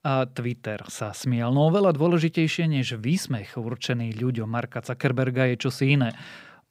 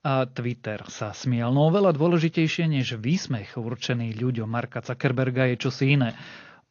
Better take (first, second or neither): first